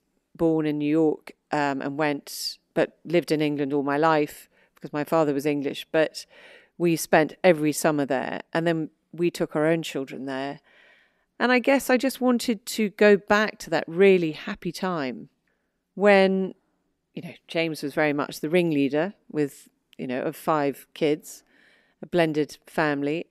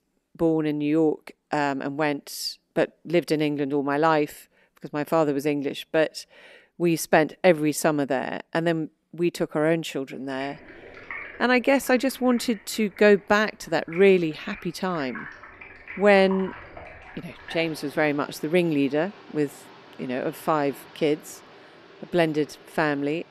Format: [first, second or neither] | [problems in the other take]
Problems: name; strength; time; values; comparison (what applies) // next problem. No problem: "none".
first | rain or running water; noticeable; from 10 s on; 20 dB below the speech